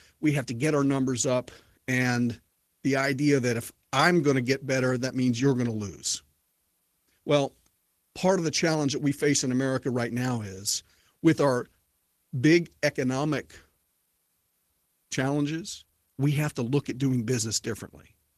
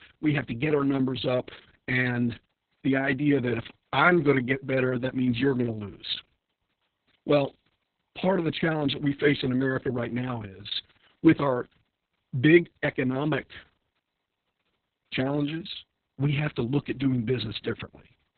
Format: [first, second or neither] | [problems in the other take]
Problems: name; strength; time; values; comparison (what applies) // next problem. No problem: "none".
first | garbled, watery; badly; nothing above 4 kHz; slightly in the first